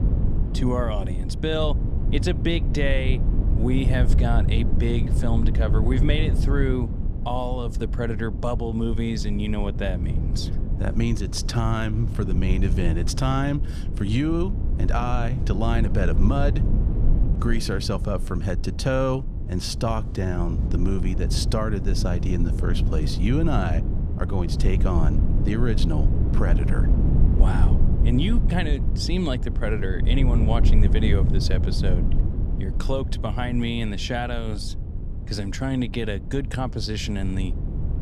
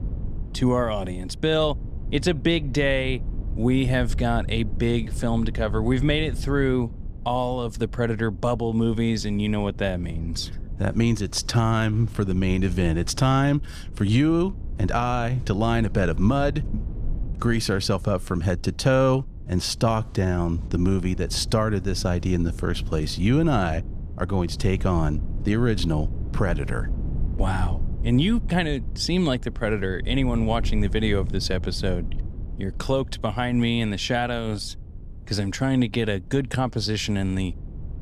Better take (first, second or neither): second